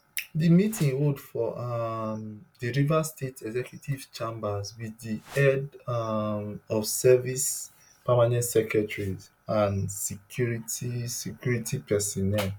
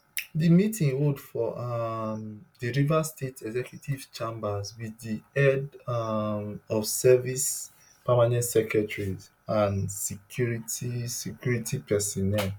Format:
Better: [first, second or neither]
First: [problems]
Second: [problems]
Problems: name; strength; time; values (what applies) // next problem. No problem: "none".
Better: second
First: background sound (Whoosh, swoosh, swish); 19 dB below the speech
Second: none